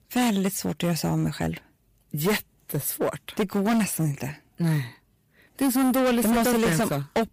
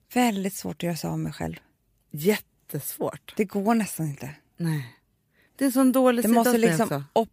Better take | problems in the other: second | distortion; heavy; 15% of the sound clipped

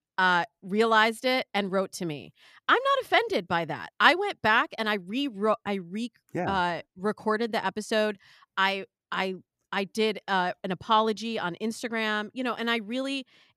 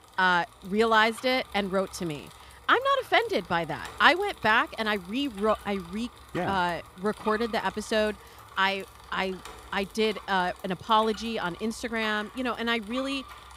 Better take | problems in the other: first | traffic noise; noticeable; throughout; 20 dB below the speech

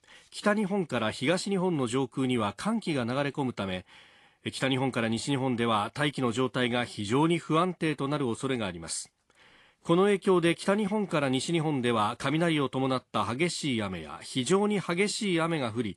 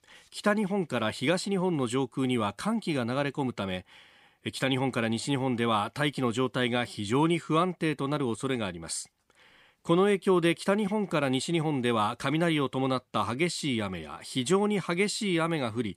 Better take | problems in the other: second | garbled, watery; slightly

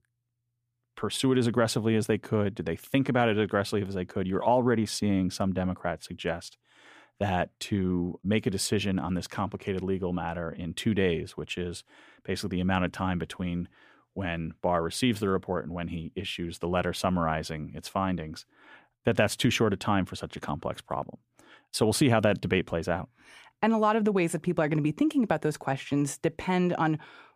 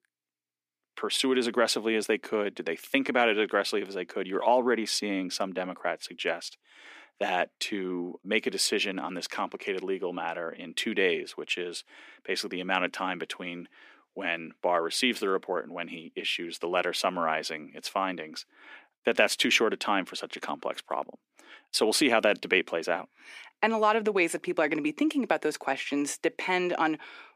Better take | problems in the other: first | thin; somewhat; fading below 250 Hz

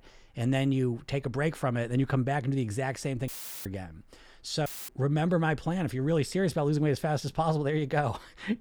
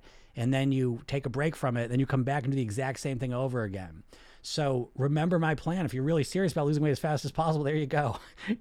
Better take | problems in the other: second | audio cutting out; filled with static; at 3.5 s and at 4.5 s

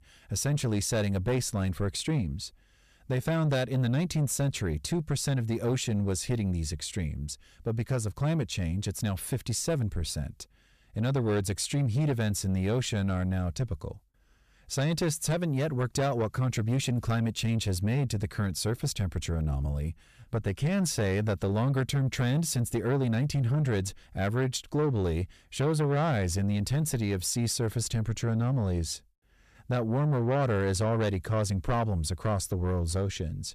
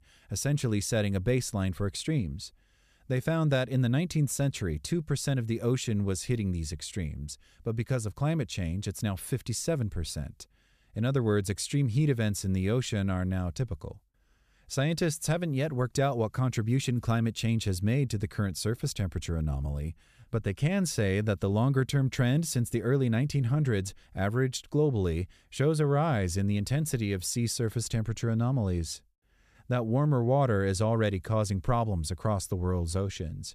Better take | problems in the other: second | distortion; slight; 10 dB below the speech

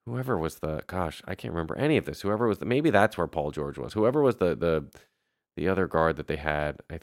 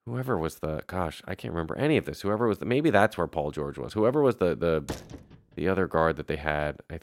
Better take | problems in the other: first | door banging; faint; at 5 s; peak 10 dB below the speech

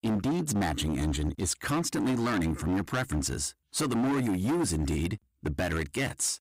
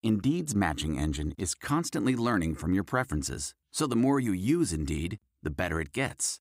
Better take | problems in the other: second | distortion; heavy; 21% of the sound clipped

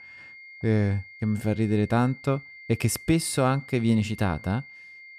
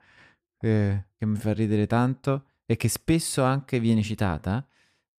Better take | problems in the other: second | high-pitched whine; noticeable; throughout; 2 kHz, 20 dB below the speech

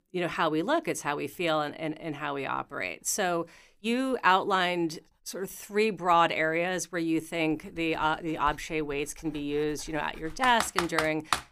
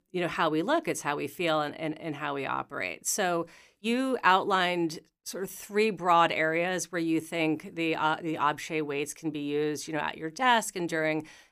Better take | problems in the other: second | household noises; very faint; throughout; 6 dB below the speech

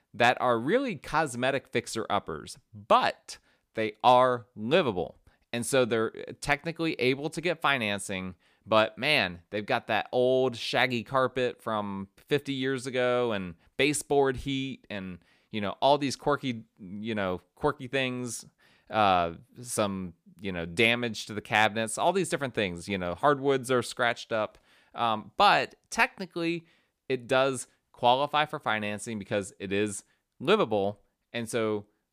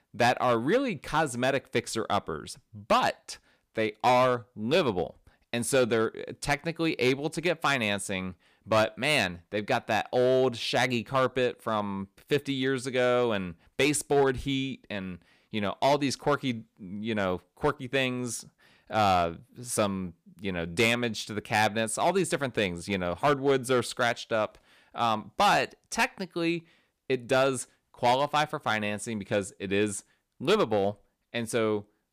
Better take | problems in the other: first | distortion; slight; 3% of the sound clipped

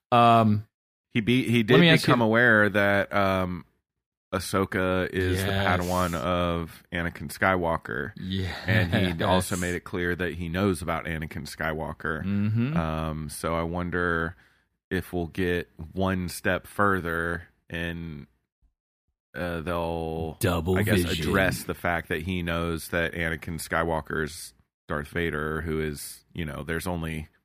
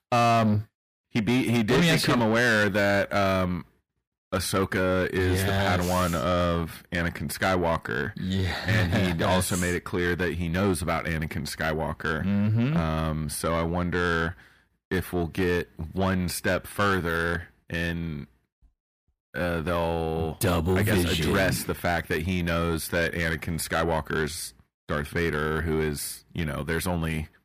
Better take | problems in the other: first | distortion; heavy; 8 dB below the speech

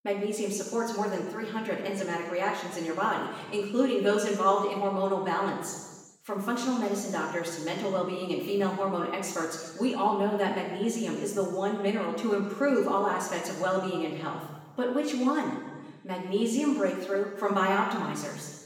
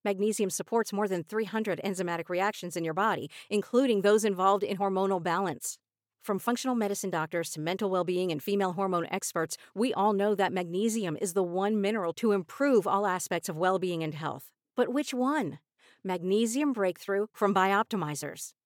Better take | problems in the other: second | room echo; noticeable; dies away in 1.2 s // off-mic speech; far

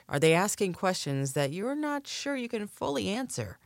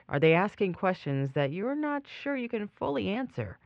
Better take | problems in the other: first | muffled; very; fading above 2.5 kHz

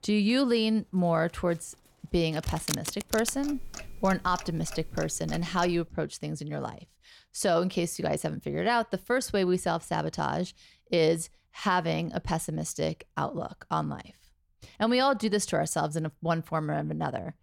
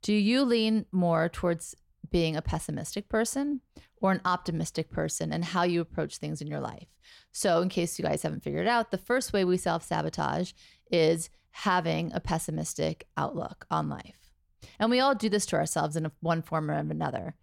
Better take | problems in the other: second | household noises; noticeable; until 6 s; 10 dB below the speech

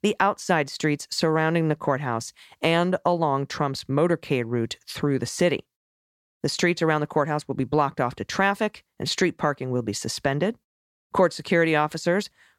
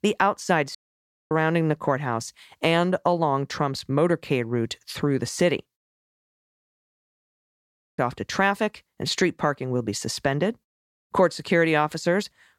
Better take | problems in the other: first | audio cutting out; at 1 s for 0.5 s and at 6 s for 2 s

